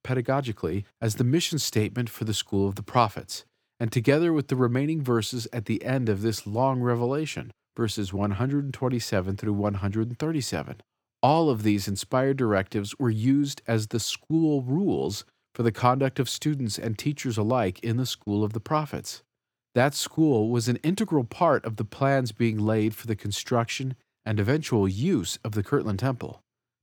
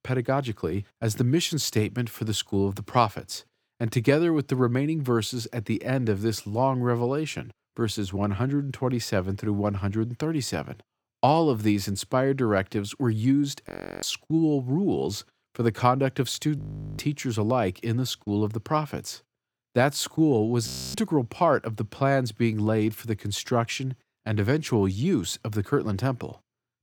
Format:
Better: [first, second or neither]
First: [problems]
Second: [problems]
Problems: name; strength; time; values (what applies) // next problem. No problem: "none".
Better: first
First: none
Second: audio freezing; at 14 s, at 17 s and at 21 s